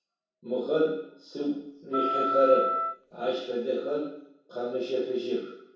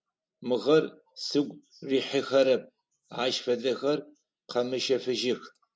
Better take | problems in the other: second | background sound (Wind instrument, woodwind instrument); 1 dB below the speech // room echo; dies away in 0.7 s

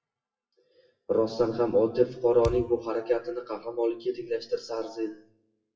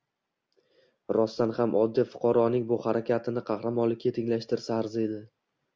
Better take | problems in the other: second | noise reduction (classical method WPE with log-MMSE)

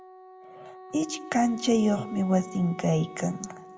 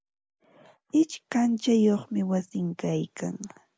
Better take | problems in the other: second | background sound (Wind instrument, woodwind instrument); 16 dB below the speech // room echo; dies away in 0.5 s

